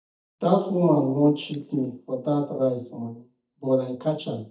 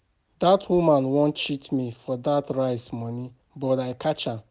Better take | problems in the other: second | noise reduction (neural mask model DeepFilterNet 3)

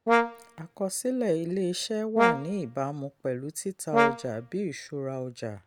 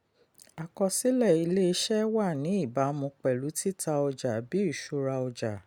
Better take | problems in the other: second | background sound (Brass instrument); 1 dB above the speech

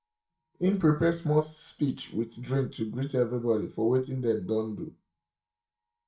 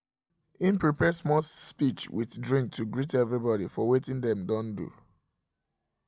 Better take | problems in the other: second | noise reduction (neural mask model DeepFilterNet 3)

